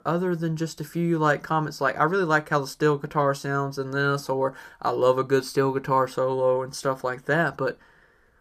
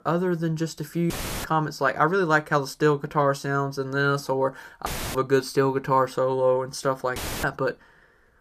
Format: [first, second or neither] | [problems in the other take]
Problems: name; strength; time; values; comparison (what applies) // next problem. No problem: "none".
first | audio cutting out; filled with static; at 1 s, at 5 s and at 7 s